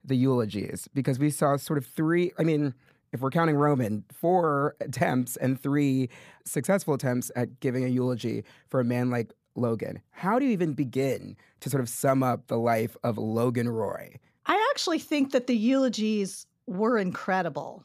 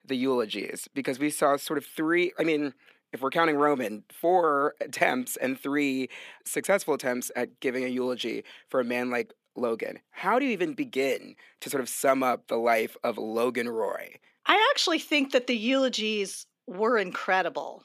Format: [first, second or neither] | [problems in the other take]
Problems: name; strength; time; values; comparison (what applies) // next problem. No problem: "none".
first | thin; very slightly; fading below 300 Hz